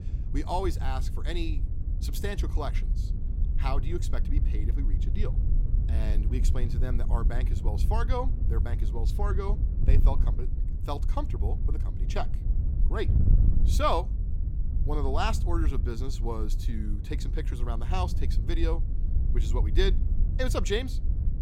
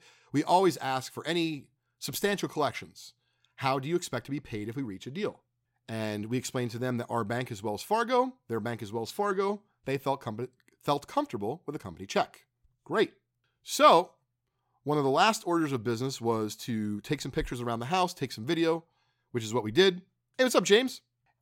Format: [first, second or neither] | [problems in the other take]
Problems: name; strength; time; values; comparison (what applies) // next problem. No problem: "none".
second | wind noise on the microphone; occasional gusts; 10 dB below the speech